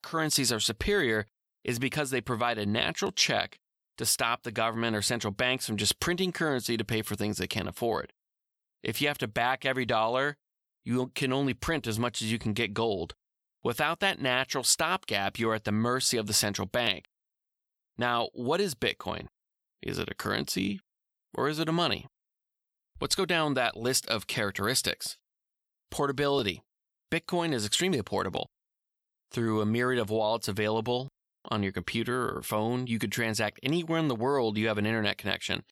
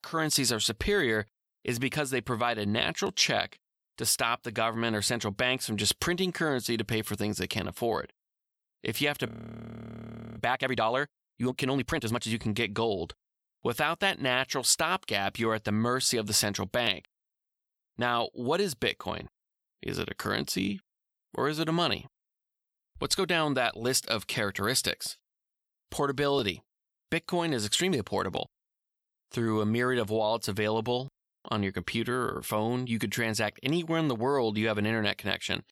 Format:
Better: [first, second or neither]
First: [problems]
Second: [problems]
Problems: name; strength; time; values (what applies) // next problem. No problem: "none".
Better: first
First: none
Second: audio freezing; at 9.5 s for 1 s